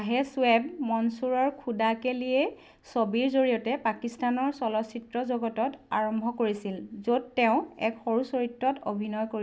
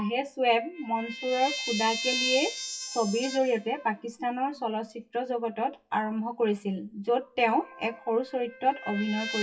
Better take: first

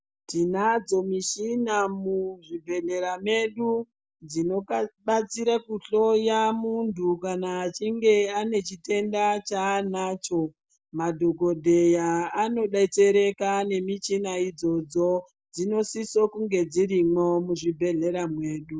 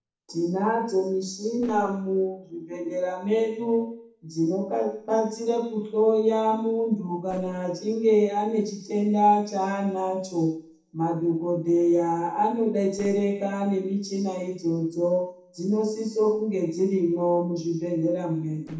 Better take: first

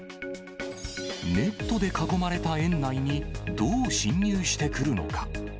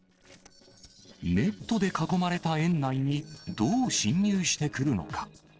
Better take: first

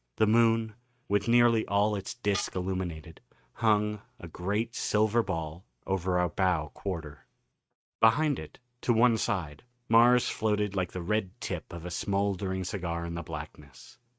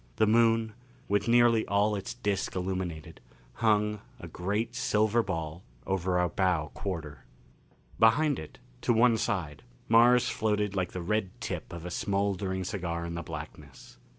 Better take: second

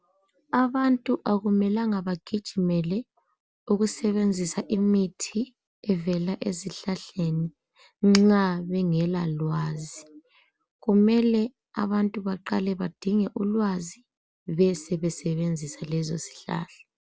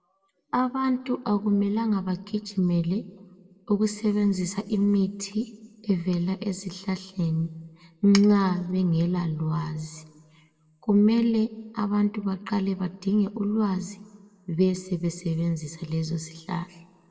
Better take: first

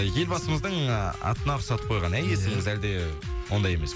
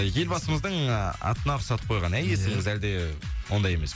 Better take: second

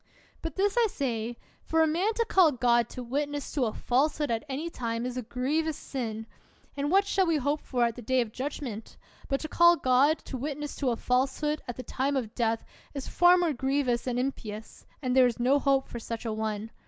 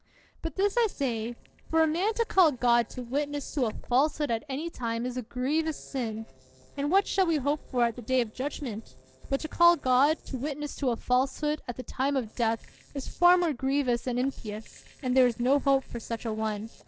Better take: first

